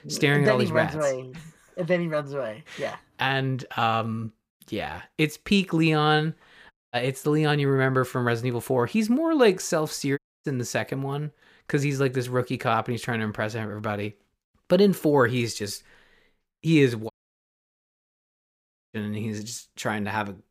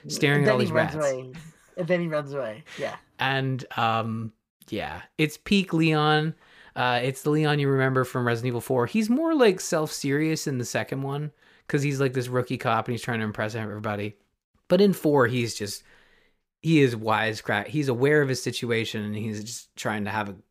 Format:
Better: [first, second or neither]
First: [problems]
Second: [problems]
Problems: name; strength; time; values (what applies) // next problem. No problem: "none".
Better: second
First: audio cutting out; at 6.5 s, at 10 s and at 17 s for 2 s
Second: none